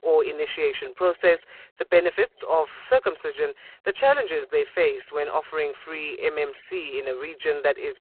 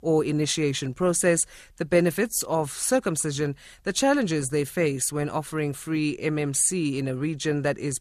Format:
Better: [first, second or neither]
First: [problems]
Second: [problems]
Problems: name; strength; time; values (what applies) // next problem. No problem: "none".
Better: second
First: phone-call audio; poor line; nothing above 3.5 kHz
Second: none